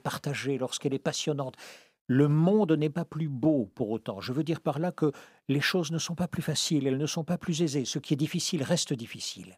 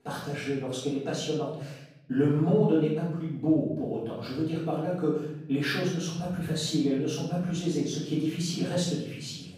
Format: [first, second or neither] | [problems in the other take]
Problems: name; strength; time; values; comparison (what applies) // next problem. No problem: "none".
first | room echo; noticeable; dies away in 0.8 s // off-mic speech; far